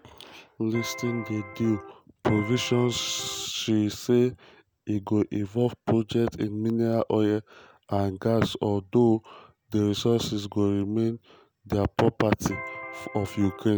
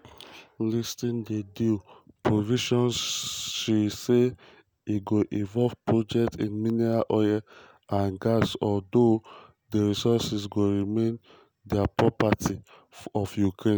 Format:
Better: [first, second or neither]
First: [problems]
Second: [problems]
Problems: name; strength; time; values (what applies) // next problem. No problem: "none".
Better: second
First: background sound (Electric guitar); 13 dB below the speech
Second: none